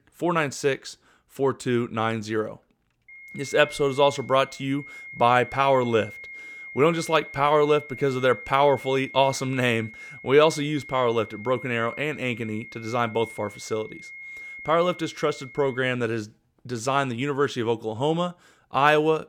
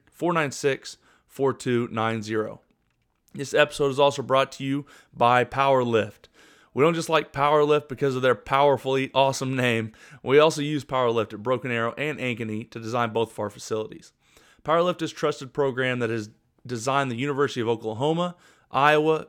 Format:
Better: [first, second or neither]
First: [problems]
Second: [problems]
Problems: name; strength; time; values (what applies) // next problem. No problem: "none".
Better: second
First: high-pitched whine; noticeable; from 3 to 16 s; 2 kHz, 15 dB below the speech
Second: none